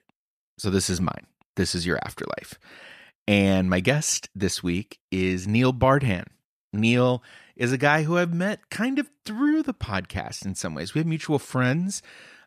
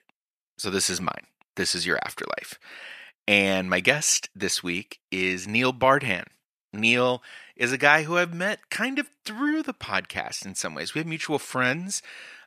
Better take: first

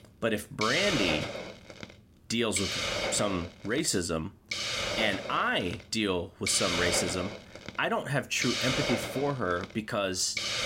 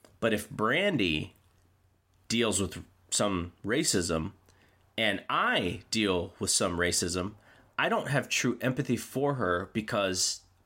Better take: second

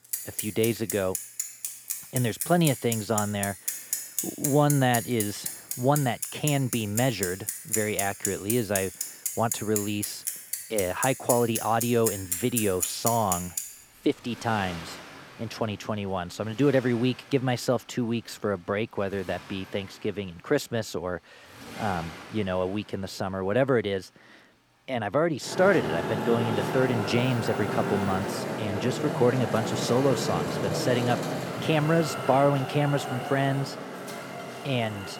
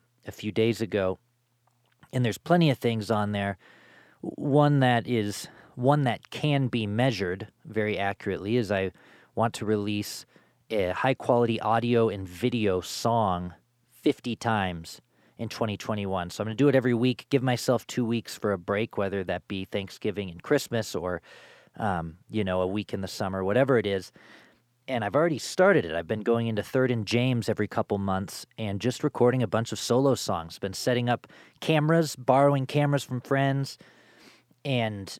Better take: second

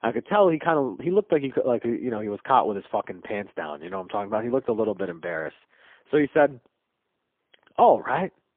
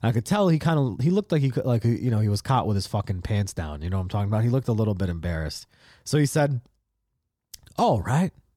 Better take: second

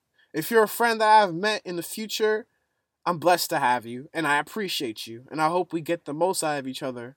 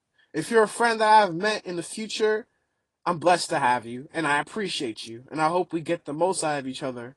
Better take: first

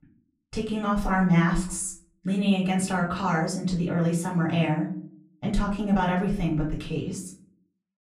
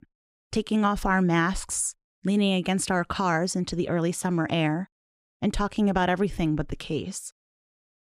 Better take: second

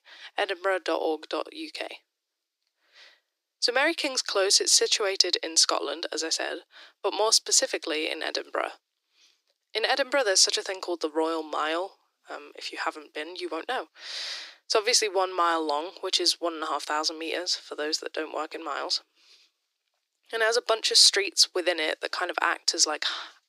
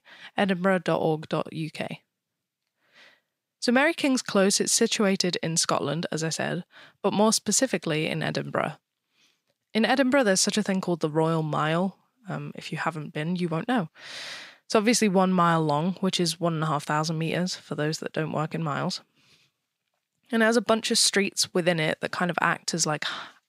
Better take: second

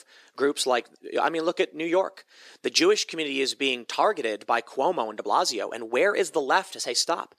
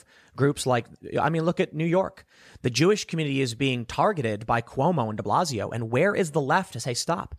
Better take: second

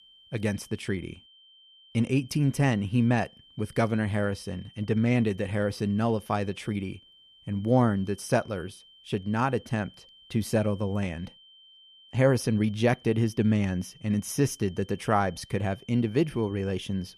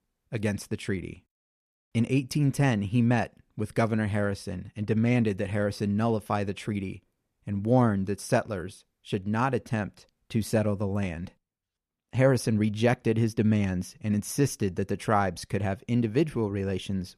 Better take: second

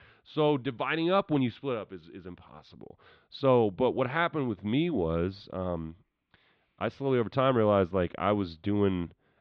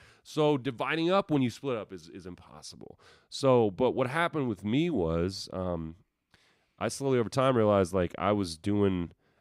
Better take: second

